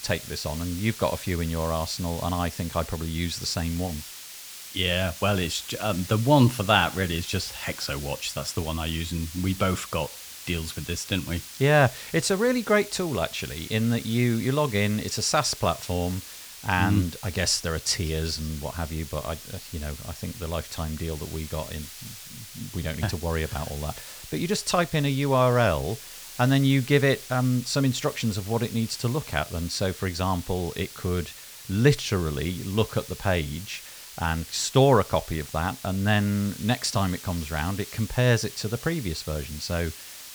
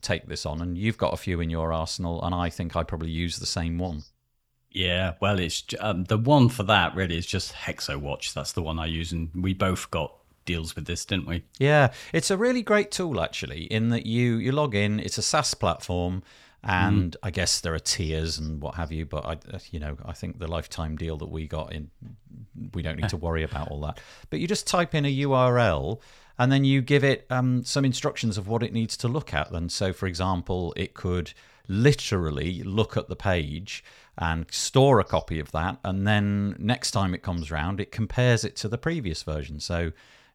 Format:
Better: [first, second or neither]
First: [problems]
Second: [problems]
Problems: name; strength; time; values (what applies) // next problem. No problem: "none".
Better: second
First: hiss; noticeable; throughout; 15 dB below the speech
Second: none